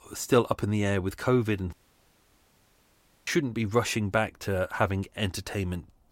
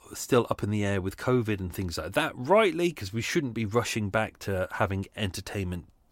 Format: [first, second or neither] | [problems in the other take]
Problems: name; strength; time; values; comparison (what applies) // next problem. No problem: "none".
second | audio cutting out; at 1.5 s for 1.5 s